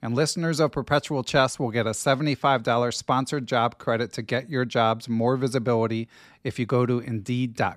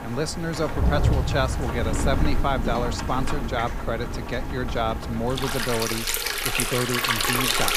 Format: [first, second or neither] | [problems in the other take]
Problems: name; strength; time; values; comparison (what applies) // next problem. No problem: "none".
first | rain or running water; very loud; throughout; 2 dB above the speech